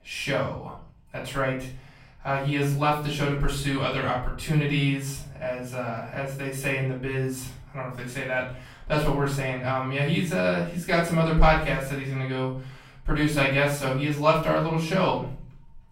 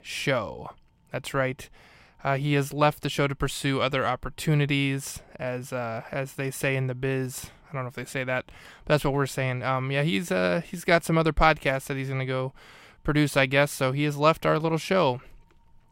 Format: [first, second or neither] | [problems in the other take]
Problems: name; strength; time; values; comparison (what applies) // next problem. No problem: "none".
second | room echo; noticeable; dies away in 0.5 s // off-mic speech; far